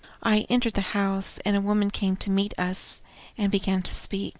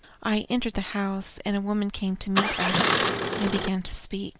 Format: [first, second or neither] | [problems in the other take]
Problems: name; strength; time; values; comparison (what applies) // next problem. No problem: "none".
first | background sound (Engine starting); 2 dB above the speech